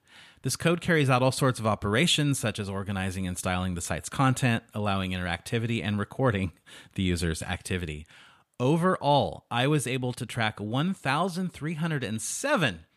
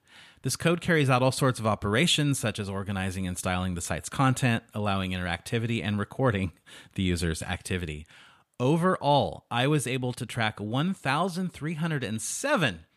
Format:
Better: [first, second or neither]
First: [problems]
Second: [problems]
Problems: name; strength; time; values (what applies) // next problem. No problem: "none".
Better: neither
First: none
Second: none